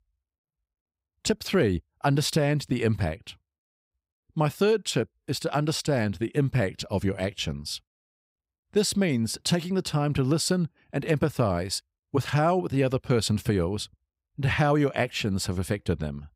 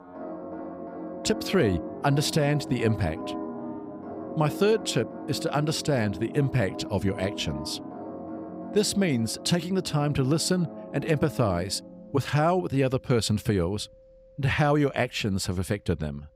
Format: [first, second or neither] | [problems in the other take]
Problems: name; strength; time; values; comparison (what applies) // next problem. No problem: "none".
first | background music; noticeable; throughout; 10 dB below the speech